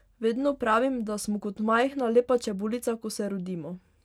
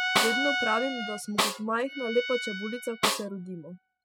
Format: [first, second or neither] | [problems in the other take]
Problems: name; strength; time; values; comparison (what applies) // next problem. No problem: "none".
first | noise reduction (classical method spectral subtraction)